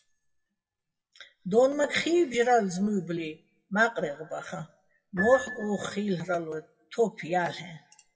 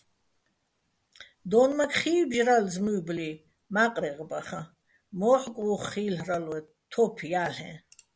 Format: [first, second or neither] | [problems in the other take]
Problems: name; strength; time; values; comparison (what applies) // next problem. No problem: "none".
second | noise reduction (classical method WPE with log-MMSE)